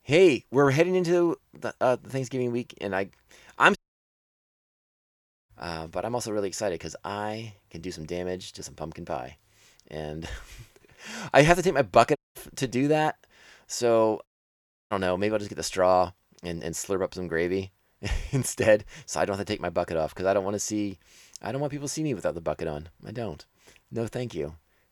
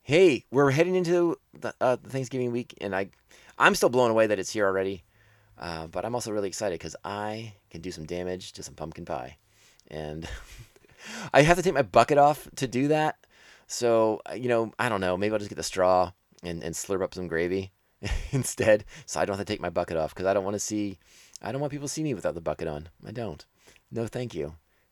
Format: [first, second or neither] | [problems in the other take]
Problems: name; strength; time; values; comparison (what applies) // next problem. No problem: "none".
second | audio cutting out; at 4 s for 1.5 s, at 12 s and at 14 s for 0.5 s